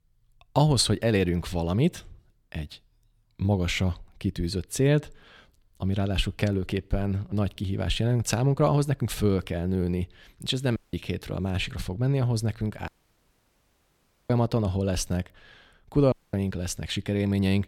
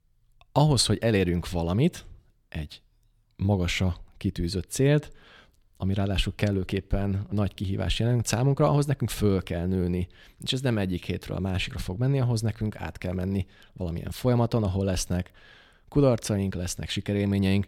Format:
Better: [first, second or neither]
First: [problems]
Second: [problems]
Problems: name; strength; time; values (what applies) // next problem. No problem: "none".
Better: second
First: audio cutting out; at 11 s, at 13 s for 1.5 s and at 16 s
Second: none